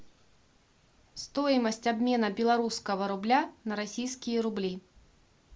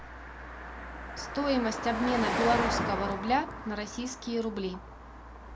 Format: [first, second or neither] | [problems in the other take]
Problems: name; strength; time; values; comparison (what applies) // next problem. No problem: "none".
first | background sound (Car passing by); 3 dB below the speech